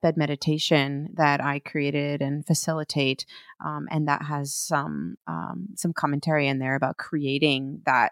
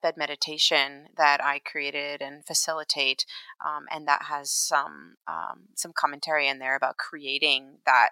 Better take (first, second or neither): first